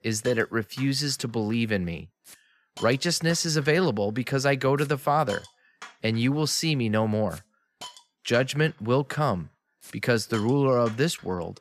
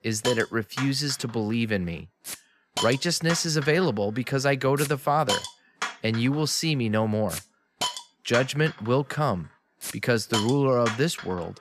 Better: first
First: hiss; faint; throughout; 20 dB below the speech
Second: hiss; loud; throughout; 9 dB below the speech

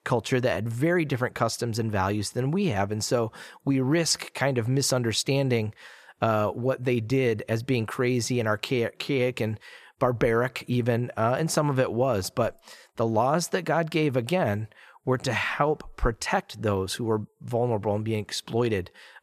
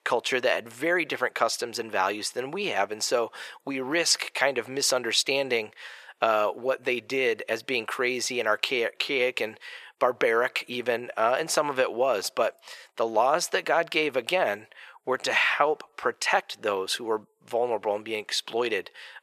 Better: first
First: none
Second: thin; very; fading below 500 Hz

